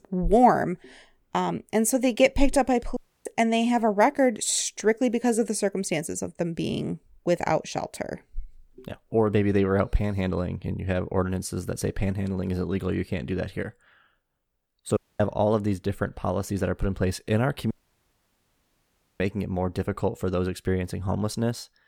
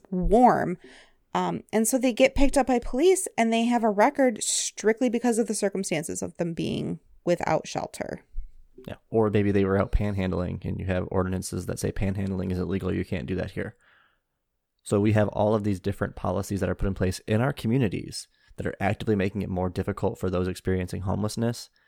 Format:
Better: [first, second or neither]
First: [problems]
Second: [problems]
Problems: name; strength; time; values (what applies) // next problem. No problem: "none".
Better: second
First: audio cutting out; at 3 s, at 15 s and at 18 s for 1.5 s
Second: none